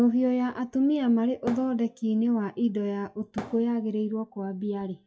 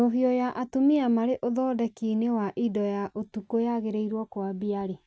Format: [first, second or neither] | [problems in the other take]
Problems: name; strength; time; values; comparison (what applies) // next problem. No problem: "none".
second | noise reduction (classical method WPE with log-MMSE)